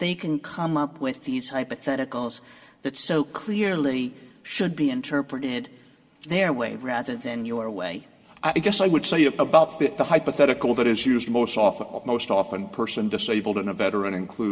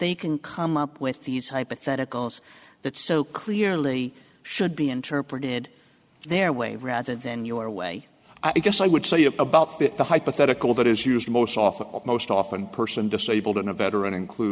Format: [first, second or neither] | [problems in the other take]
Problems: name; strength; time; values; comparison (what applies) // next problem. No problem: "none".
second | room echo; dies away in 0.3 s